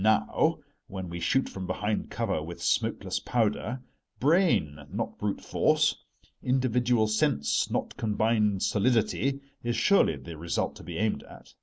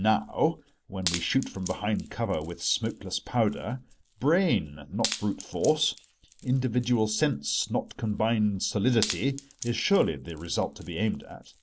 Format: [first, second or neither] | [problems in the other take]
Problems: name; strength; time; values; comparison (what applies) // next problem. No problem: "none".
first | background sound (Wood); 14 dB below the speech